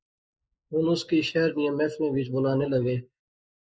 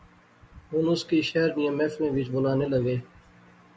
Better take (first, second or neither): second